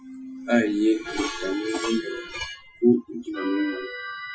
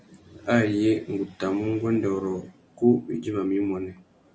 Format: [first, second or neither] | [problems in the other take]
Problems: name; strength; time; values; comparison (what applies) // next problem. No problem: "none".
second | noise reduction (classical method Wiener filter)